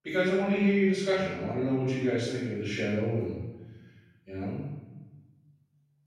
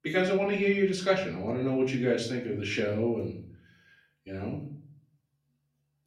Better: second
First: room echo; strong; dies away in 1 s // off-mic speech; far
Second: room echo; slight; dies away in 0.5 s // off-mic speech; far

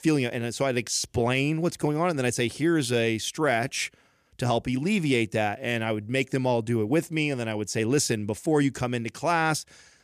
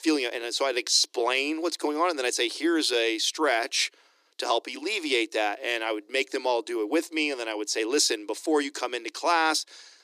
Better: first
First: none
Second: thin; somewhat; fading below 300 Hz

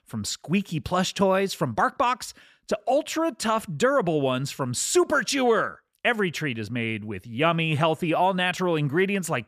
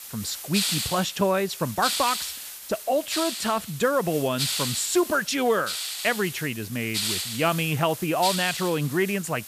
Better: first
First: none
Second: hiss; loud; throughout; 4 dB below the speech

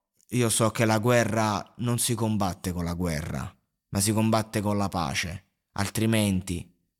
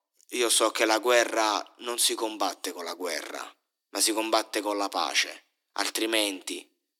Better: first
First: none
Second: thin; very; fading below 300 Hz

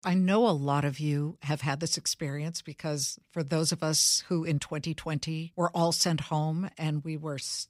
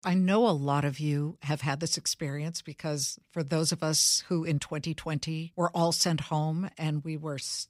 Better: neither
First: none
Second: none

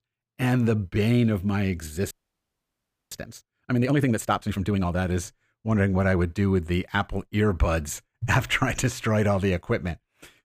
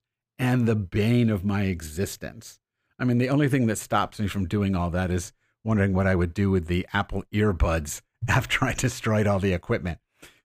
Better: second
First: audio freezing; at 2 s for 1 s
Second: none

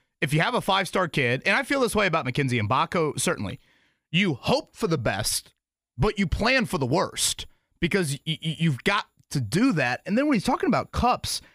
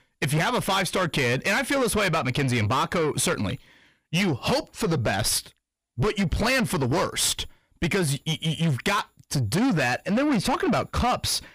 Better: first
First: none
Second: distortion; heavy; 8 dB below the speech

